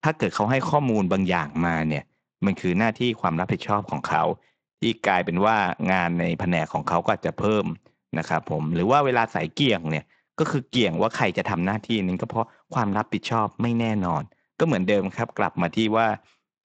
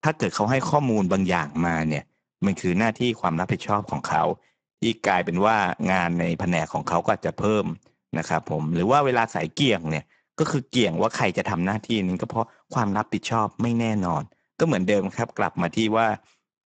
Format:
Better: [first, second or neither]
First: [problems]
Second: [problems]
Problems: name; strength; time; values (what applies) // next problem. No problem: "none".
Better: first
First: garbled, watery; slightly; nothing above 8 kHz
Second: garbled, watery; badly; nothing above 7.5 kHz